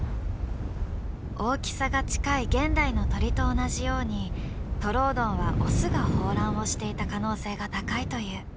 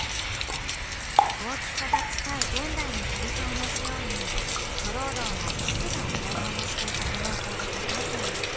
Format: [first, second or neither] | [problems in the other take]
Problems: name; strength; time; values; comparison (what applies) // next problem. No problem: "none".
first | background sound (Rain + Water tap, faucet); 5 dB above the speech